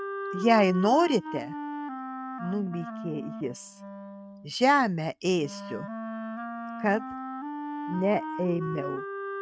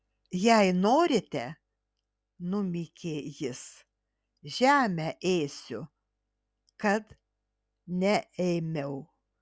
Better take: second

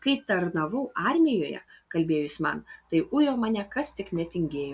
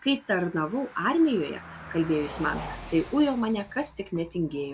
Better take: first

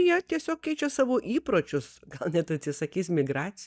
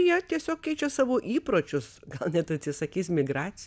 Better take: second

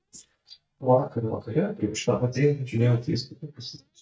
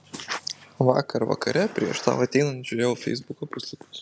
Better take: second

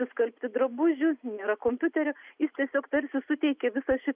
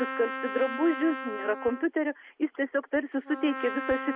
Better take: first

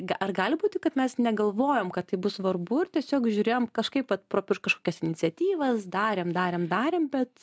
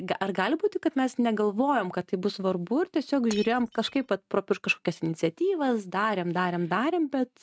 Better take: first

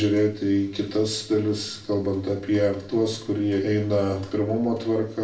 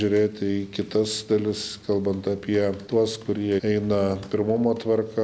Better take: second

